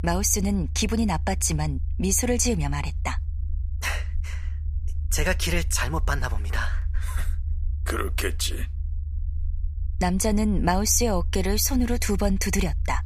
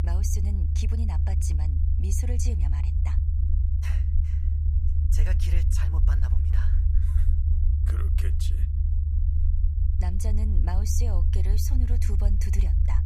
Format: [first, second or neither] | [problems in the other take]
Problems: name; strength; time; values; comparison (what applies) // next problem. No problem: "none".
first | low rumble; loud; throughout; 1 dB below the speech; faint in the first